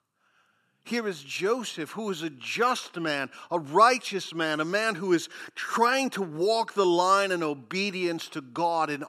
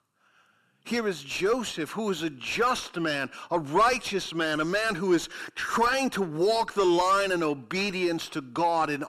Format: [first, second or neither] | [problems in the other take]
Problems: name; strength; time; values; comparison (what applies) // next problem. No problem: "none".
first | distortion; slight; 9 dB below the speech